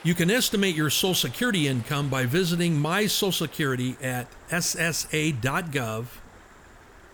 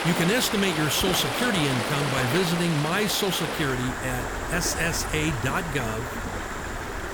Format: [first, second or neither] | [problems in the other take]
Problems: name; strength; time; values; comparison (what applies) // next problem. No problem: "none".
first | rain or running water; loud; throughout; 3 dB below the speech; faint in the first